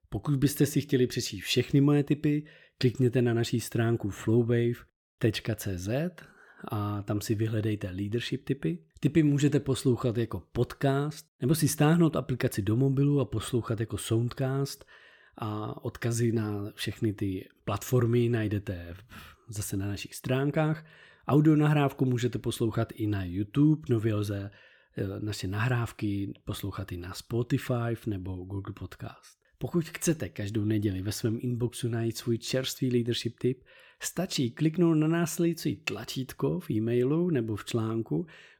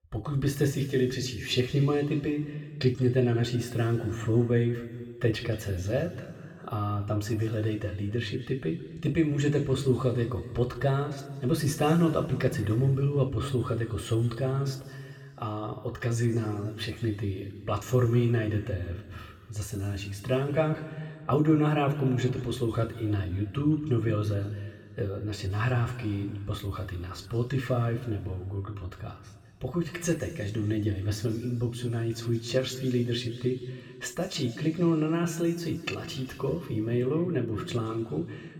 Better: first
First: none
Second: room echo; slight; dies away in 1.9 s // off-mic speech; somewhat distant

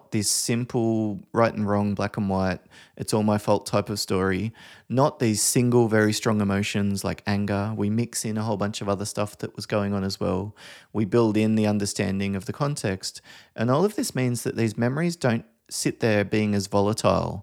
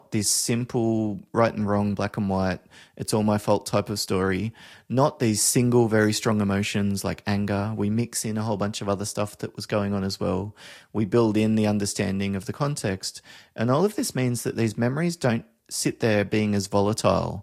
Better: first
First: none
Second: garbled, watery; slightly

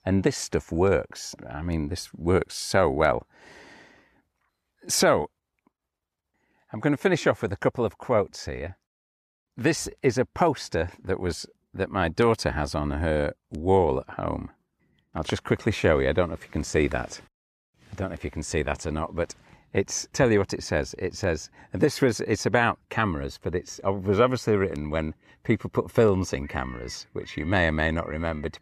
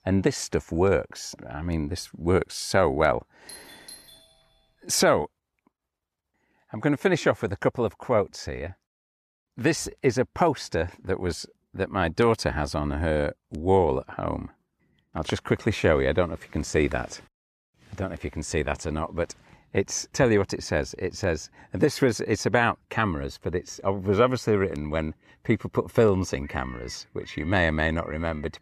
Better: first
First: none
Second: doorbell; faint; at 3.5 s; peak 20 dB below the speech

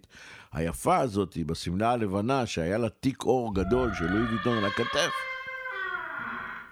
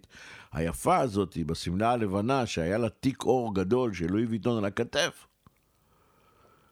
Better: second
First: door banging; noticeable; from 3.5 s on; peak 3 dB below the speech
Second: none

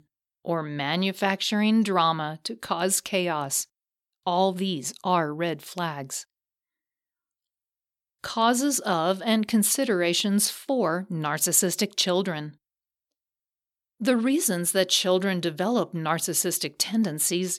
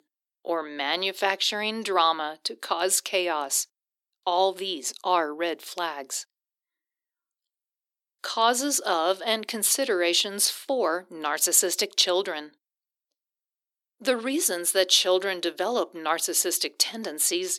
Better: first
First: none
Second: thin; somewhat; fading below 300 Hz

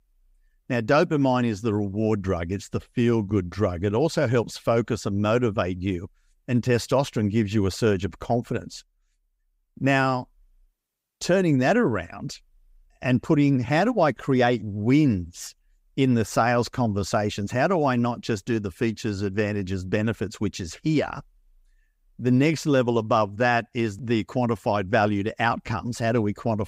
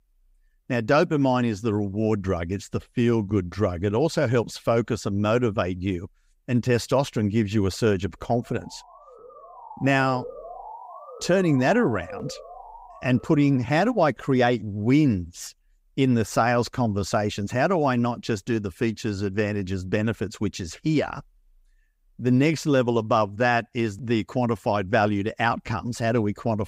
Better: first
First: none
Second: siren; faint; from 8.5 to 14 s; peak 15 dB below the speech

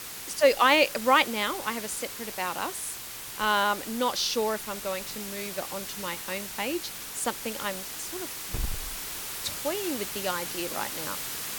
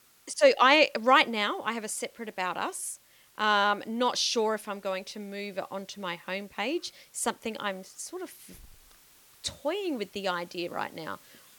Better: second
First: hiss; loud; throughout; 6 dB below the speech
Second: hiss; faint; throughout; 30 dB below the speech

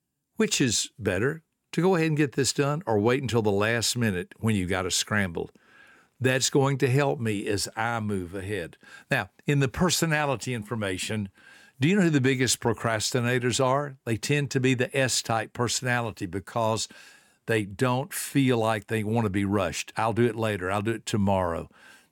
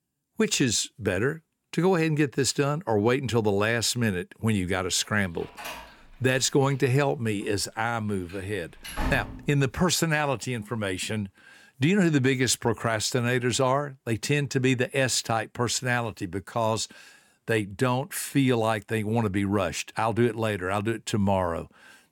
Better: first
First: none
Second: door banging; noticeable; from 5.5 to 9.5 s; peak 6 dB below the speech

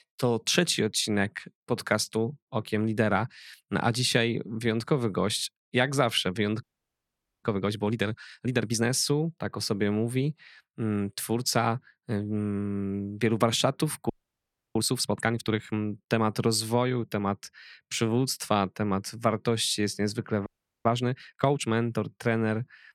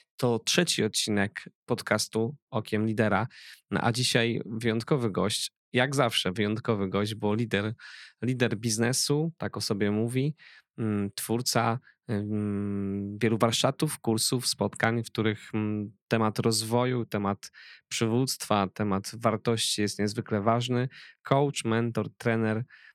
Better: second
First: audio freezing; at 6.5 s for 1 s, at 14 s for 0.5 s and at 20 s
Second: none

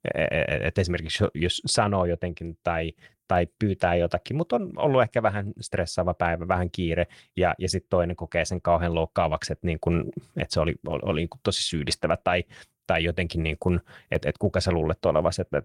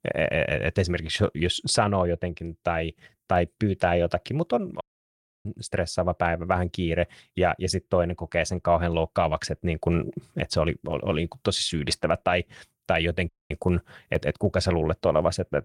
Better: first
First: none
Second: audio cutting out; at 5 s for 0.5 s and at 13 s

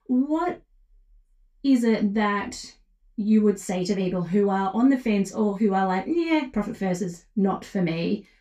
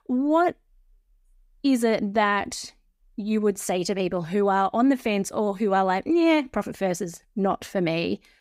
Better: second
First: room echo; slight; dies away in 0.2 s // off-mic speech; far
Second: none

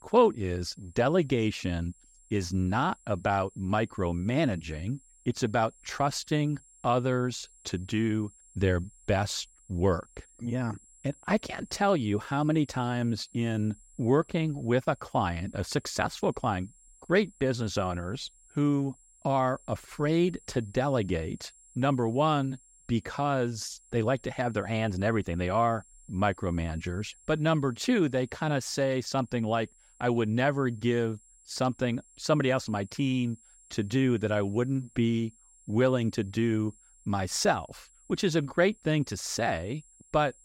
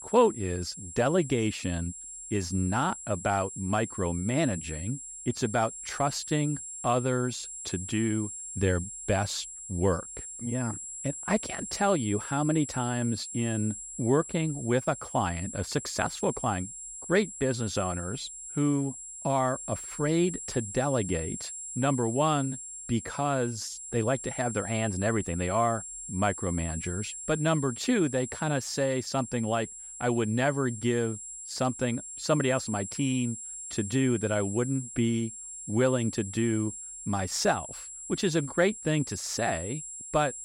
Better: first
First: high-pitched whine; faint; throughout; 7.5 kHz, 25 dB below the speech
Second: high-pitched whine; loud; throughout; 7.5 kHz, 9 dB below the speech

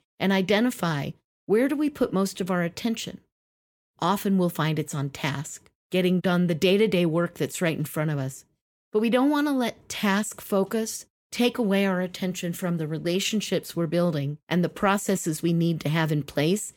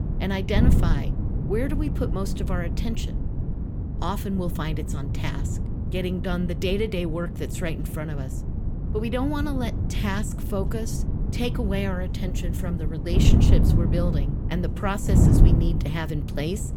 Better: first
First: none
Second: wind noise on the microphone; heavy; 5 dB below the speech

